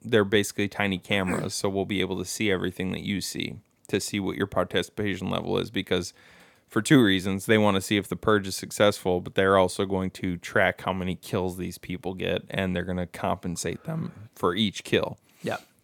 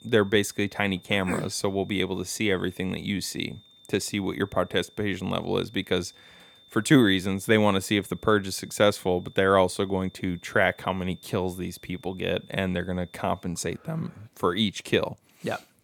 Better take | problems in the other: first | high-pitched whine; faint; until 13 s; 3.5 kHz, 25 dB below the speech

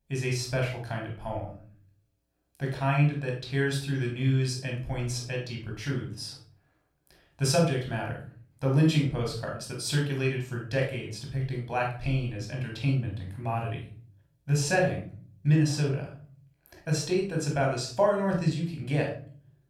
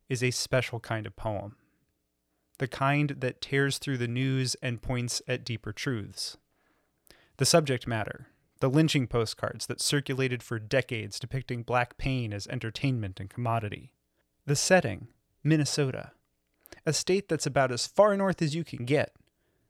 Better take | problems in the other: second | off-mic speech; somewhat distant // room echo; noticeable; dies away in 0.4 s

